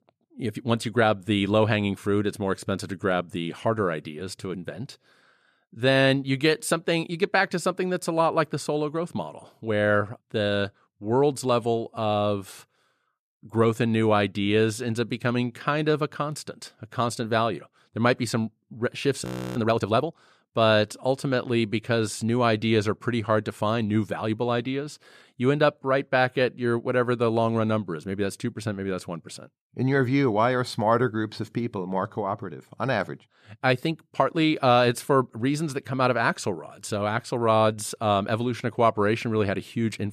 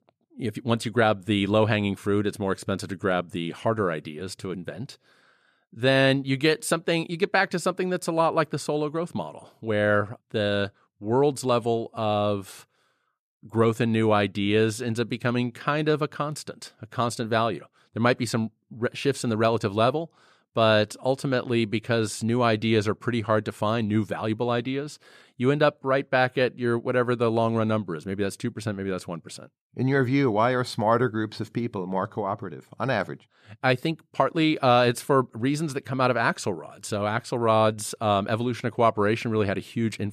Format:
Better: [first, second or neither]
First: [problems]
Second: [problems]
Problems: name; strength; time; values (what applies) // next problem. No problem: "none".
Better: second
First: audio freezing; at 19 s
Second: none